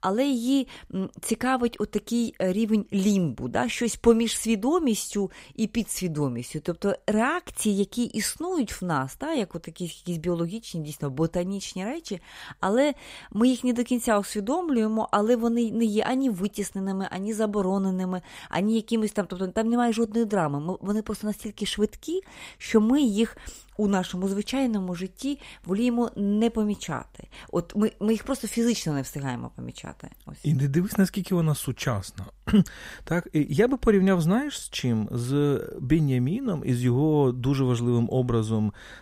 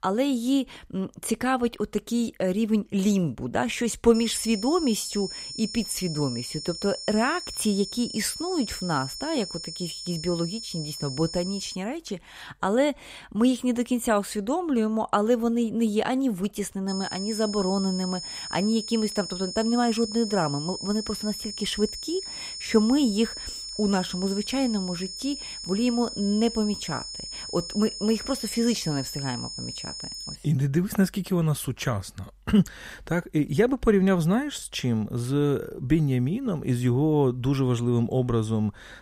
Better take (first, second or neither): first